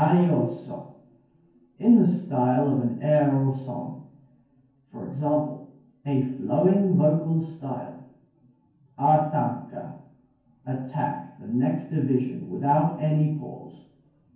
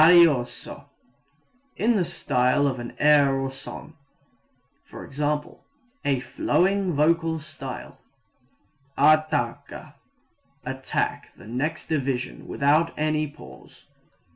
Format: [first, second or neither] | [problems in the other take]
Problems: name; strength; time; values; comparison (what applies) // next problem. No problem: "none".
second | room echo; dies away in 0.9 s